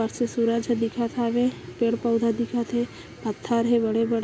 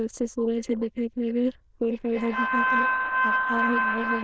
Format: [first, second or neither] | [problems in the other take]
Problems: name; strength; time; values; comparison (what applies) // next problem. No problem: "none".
first | noise reduction (neural diffusion model UNIVERSE++)